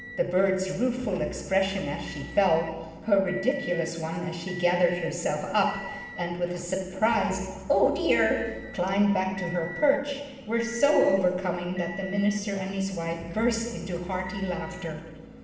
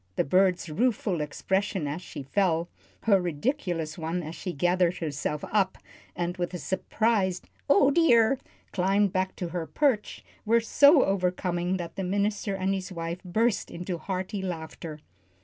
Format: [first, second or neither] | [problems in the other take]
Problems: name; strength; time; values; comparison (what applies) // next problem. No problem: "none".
second | background sound (Motor vehicle (road) / Engine); 14 dB below the speech // room echo; dies away in 1.2 s